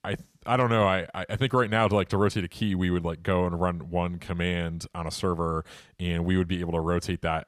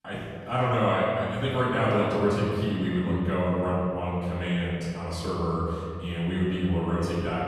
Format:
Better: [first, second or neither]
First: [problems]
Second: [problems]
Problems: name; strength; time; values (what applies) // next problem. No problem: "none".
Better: first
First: none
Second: off-mic speech; far // room echo; strong; dies away in 2.4 s